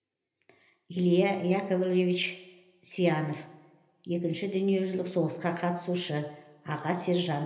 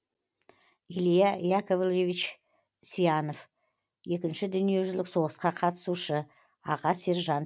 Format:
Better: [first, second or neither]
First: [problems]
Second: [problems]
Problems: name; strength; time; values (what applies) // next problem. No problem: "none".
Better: second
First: room echo; dies away in 0.8 s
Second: none